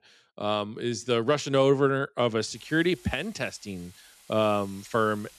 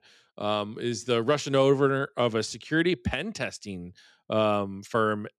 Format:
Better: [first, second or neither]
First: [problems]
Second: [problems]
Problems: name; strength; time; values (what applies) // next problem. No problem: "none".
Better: second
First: hiss; faint; from 2.5 s on; 25 dB below the speech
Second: none